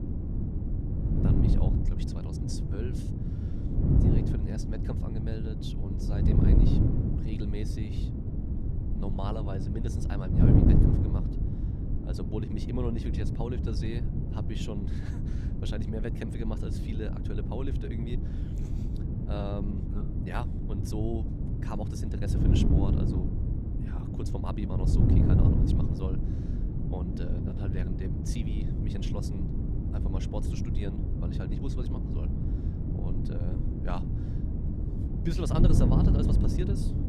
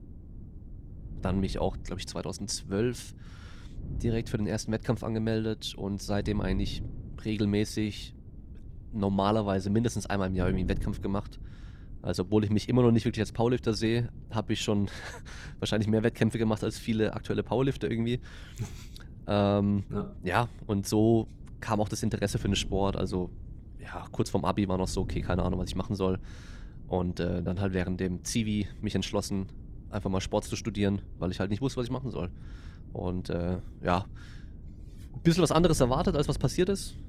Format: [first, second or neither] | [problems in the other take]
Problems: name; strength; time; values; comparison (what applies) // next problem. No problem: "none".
second | wind noise on the microphone; heavy; 2 dB above the speech; occasional gusts in the second